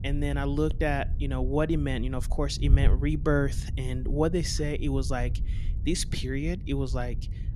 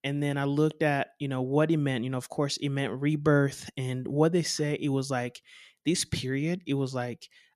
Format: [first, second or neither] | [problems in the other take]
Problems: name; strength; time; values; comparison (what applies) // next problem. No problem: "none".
second | wind noise on the microphone; occasional gusts; 15 dB below the speech